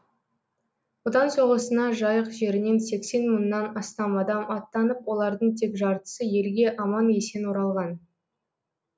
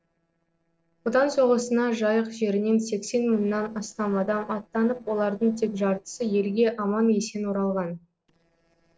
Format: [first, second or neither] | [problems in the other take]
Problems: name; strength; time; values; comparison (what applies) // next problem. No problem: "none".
first | noise reduction (neural separator model SepFormer DNS4)